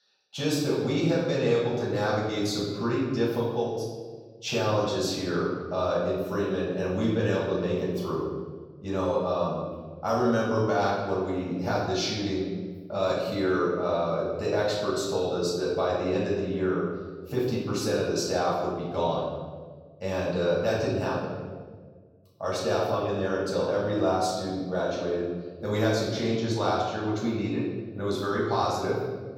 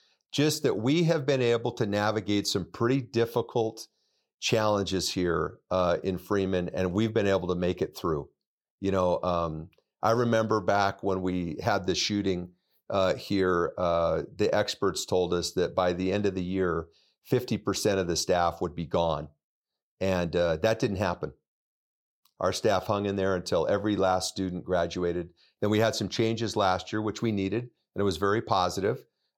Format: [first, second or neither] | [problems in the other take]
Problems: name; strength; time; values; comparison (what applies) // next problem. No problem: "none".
second | off-mic speech; far // room echo; noticeable; dies away in 1.3 s